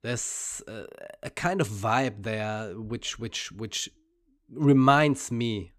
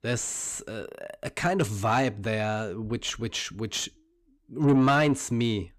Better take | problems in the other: first | distortion; slight; 10 dB below the speech

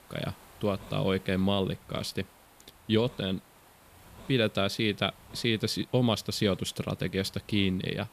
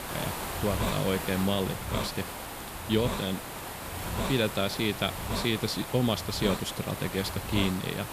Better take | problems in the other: first | hiss; loud; throughout; 4 dB below the speech; faint in the first

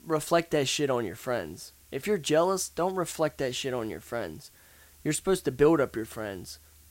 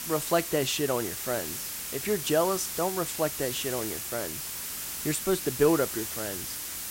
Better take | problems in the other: first | hiss; loud; throughout; 4 dB below the speech; faint in the first

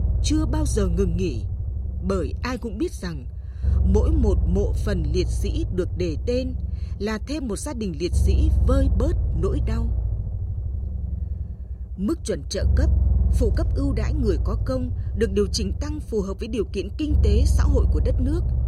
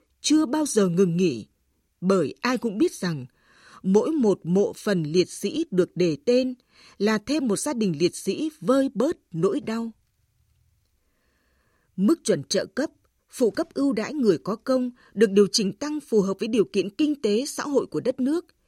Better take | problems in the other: second | low rumble; noticeable; throughout; 10 dB below the speech

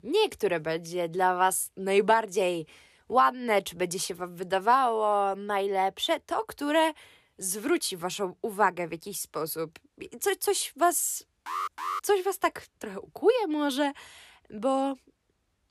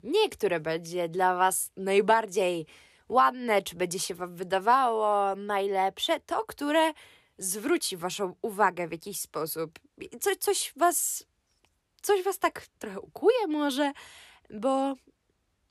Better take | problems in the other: second | alarm; noticeable; at 11 s; peak 5 dB below the speech

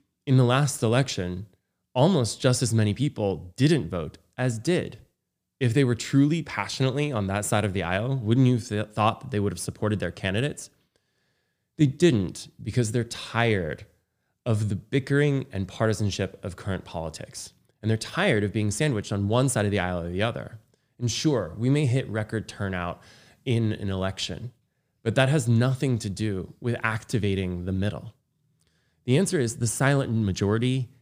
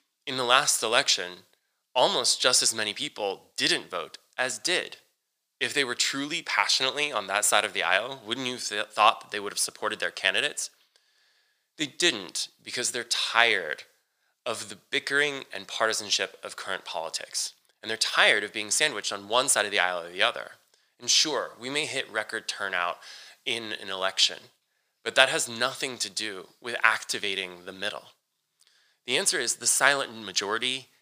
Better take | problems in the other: first | thin; very; fading below 850 Hz

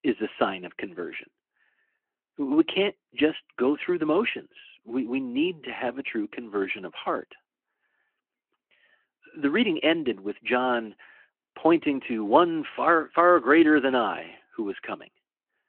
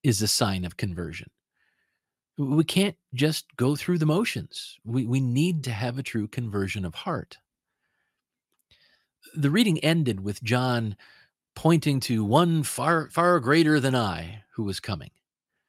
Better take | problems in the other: second | phone-call audio

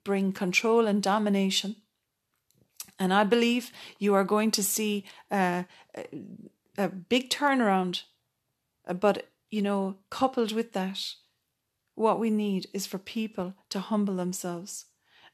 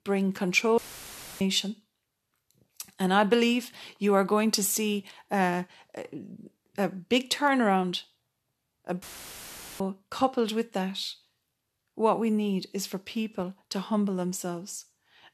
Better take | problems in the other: first | audio cutting out; filled with static; at 1 s for 0.5 s and at 9 s for 1 s

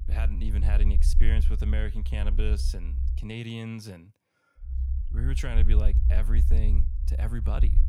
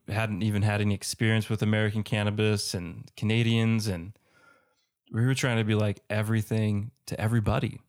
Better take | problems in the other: second | low rumble; loud; until 3 s and from 4.5 s on; 7 dB below the speech

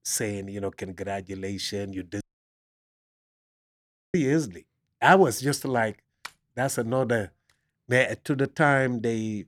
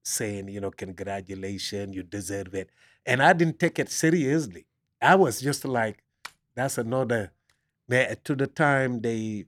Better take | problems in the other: second | audio cutting out; at 2 s for 2 s

